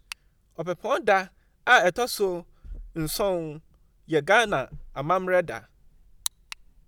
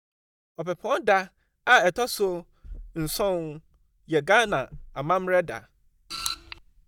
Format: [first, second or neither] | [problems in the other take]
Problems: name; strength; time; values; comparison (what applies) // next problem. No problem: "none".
first | noise reduction (neural mask model DeepFilterNet 3)